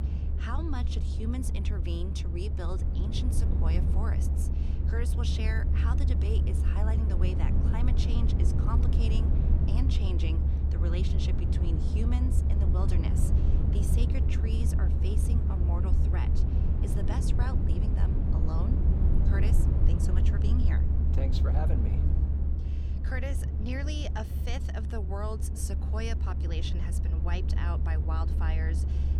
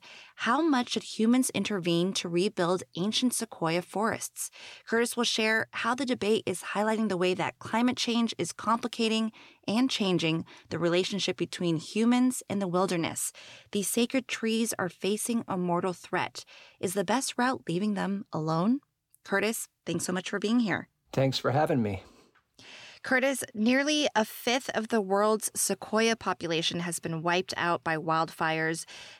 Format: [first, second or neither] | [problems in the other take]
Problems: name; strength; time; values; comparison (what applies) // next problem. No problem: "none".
second | low rumble; loud; throughout; 1 dB below the speech